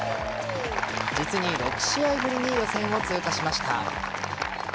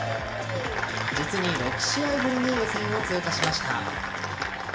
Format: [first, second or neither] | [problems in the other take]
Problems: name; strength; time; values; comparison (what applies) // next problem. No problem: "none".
first | background sound (Tools); 14 dB below the speech // room echo; dies away in 1.7 s